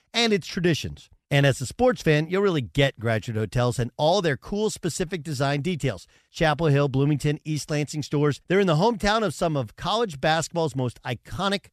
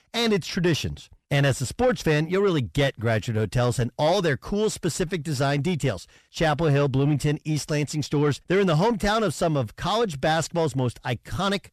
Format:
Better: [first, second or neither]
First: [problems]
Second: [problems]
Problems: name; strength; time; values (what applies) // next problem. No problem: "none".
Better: first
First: none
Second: distortion; slight; 10 dB below the speech